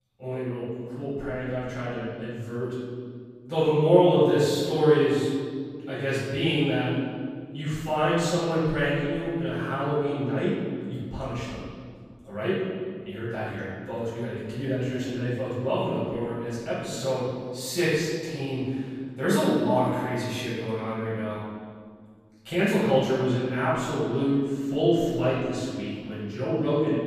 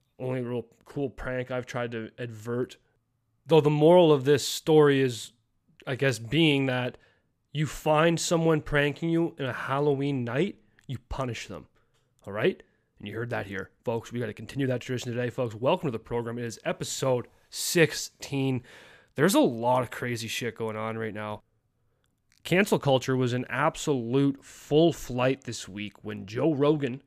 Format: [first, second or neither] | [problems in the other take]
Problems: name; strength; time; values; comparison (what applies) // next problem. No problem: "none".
second | off-mic speech; far // room echo; strong; dies away in 1.9 s